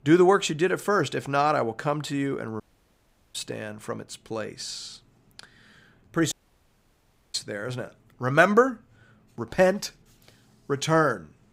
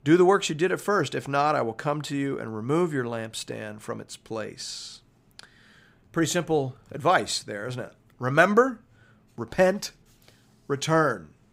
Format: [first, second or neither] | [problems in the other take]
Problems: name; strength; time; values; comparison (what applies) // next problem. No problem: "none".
second | audio cutting out; at 2.5 s for 0.5 s and at 6.5 s for 1 s